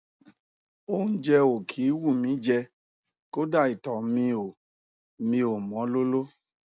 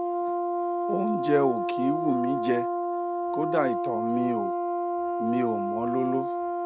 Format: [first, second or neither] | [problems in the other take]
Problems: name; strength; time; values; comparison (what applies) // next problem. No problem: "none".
first | background sound (Brass instrument); 1 dB above the speech